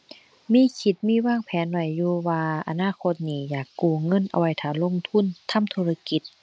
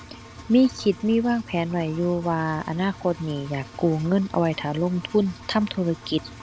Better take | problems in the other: first | background sound (Engine); 18 dB below the speech

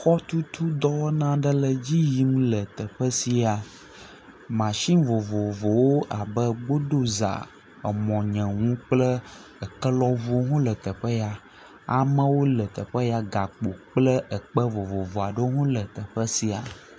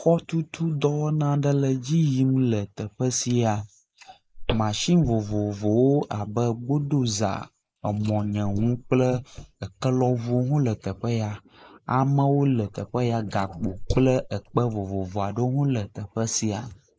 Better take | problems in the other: first | noise reduction (neural mask model Resemble Enhance denoiser)

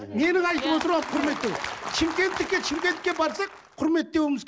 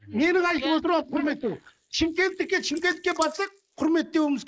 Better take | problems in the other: first | noise reduction (neural mask model Resemble Enhance denoiser)

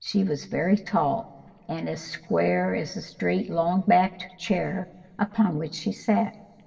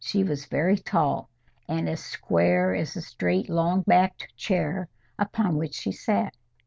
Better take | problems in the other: second | room echo; dies away in 1.5 s

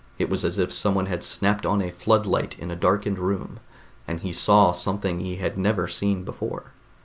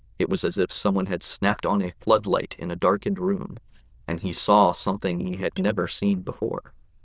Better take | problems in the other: first | noise reduction (neural diffusion model UNIVERSE++)

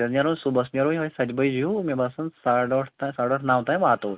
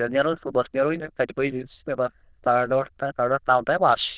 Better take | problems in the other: first | noise reduction (neural diffusion model UNIVERSE++)

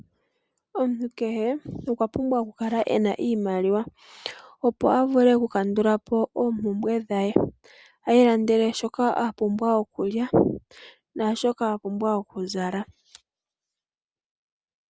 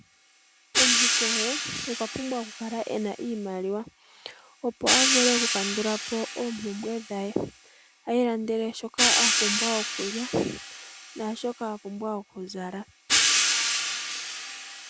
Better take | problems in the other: first | background sound (Hi-hat); 3 dB above the speech

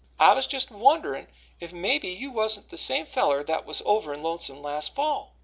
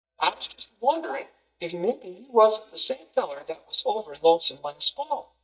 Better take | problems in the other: first | noise reduction (neural mask model DeepFilterNet 3)

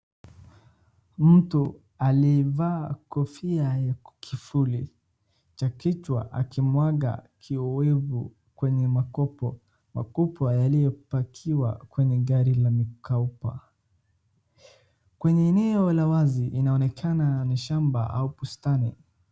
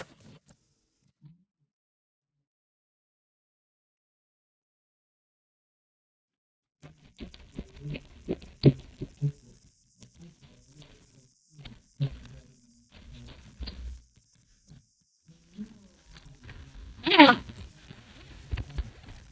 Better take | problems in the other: first | noise reduction (neural mask model DeepFilterNet 3)

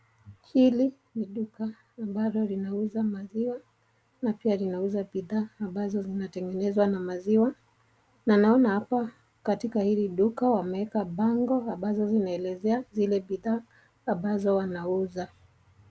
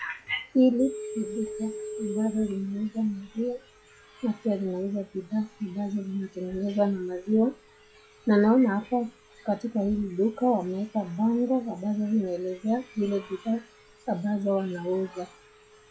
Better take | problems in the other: first | noise reduction (classical method log-MMSE)

